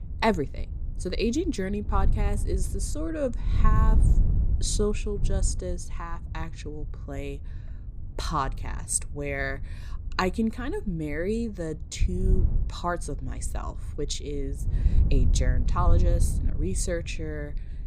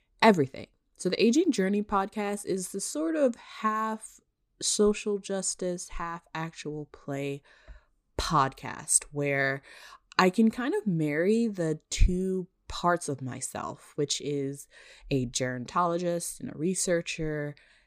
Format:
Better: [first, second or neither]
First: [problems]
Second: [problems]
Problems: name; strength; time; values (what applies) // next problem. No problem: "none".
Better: second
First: wind noise on the microphone; occasional gusts; 15 dB below the speech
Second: none